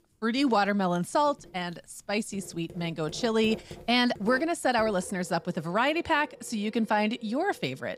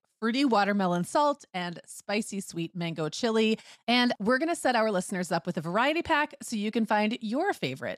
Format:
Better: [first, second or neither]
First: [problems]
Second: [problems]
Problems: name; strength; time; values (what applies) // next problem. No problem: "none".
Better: second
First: household noises; faint; throughout; 20 dB below the speech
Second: none